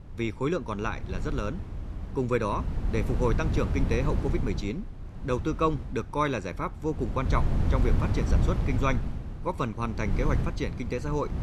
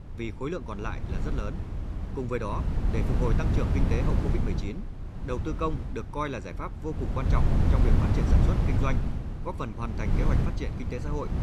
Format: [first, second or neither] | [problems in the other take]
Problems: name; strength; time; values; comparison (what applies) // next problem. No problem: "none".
first | wind noise on the microphone; heavy; 3 dB below the speech; occasional gusts in the first